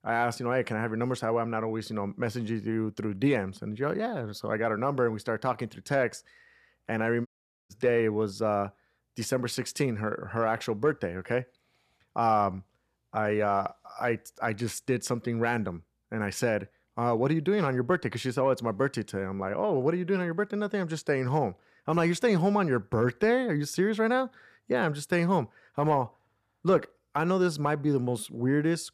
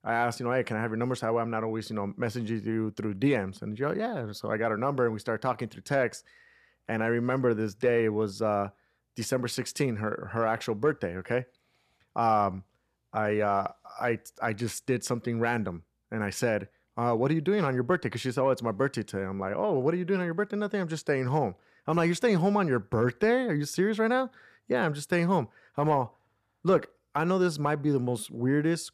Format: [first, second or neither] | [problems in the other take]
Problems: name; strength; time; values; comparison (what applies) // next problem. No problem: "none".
second | audio cutting out; at 7.5 s